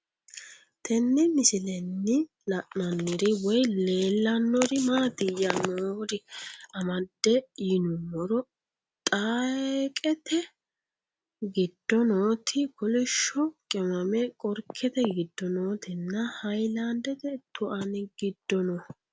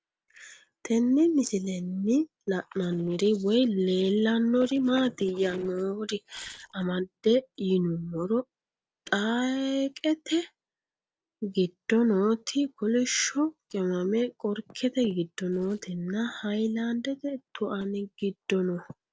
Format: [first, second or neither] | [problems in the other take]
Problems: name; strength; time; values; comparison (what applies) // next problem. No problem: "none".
first | noise reduction (neural separator model SepFormer DNS4)